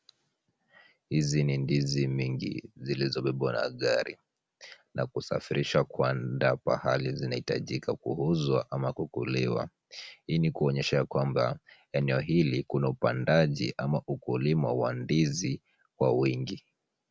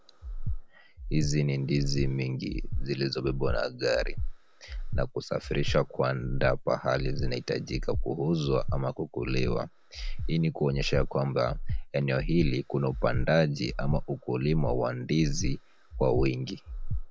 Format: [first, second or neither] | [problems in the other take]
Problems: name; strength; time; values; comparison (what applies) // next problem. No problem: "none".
first | background sound (Breathing); 3 dB below the speech